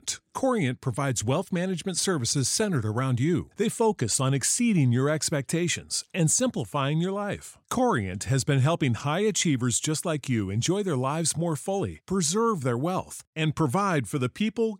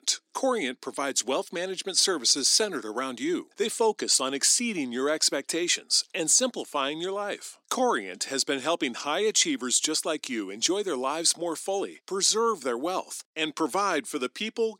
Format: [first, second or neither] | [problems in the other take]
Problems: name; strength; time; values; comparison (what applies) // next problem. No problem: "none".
first | thin; somewhat; fading below 250 Hz